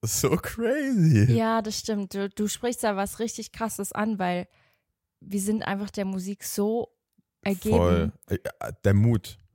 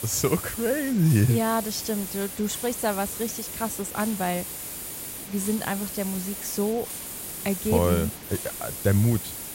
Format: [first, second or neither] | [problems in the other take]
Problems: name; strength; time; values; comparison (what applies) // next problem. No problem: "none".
first | hiss; loud; throughout; 6 dB below the speech